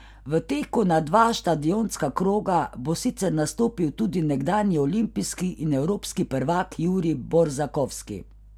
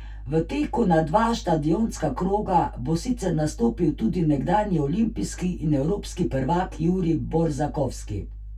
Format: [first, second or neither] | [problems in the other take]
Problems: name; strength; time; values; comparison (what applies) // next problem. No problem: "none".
first | room echo; dies away in 0.1 s